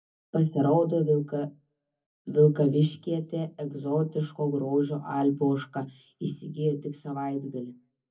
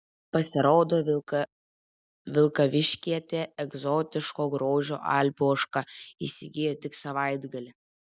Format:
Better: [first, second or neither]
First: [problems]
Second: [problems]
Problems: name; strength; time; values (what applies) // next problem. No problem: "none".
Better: second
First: room echo; dies away in 0.3 s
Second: none